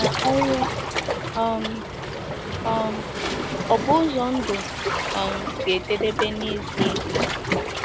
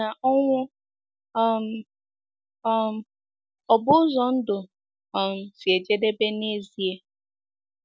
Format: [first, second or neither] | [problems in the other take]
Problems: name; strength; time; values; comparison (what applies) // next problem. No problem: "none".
second | background sound (Waves, surf); 1 dB below the speech